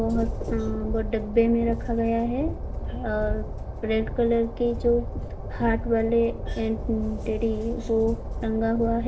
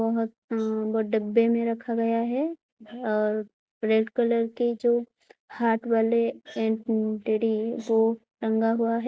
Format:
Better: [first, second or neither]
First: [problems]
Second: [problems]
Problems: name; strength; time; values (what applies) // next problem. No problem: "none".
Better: second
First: background sound (Train); 5 dB below the speech // room echo; dies away in 0.4 s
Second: none